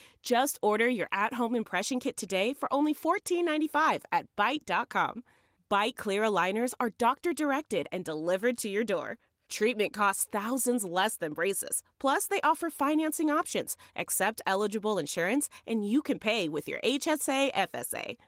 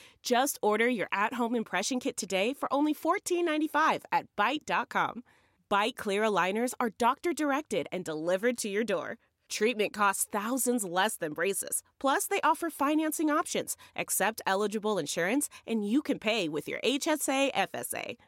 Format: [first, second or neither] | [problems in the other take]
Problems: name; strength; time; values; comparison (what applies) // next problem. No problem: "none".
second | garbled, watery; slightly; nothing above 16 kHz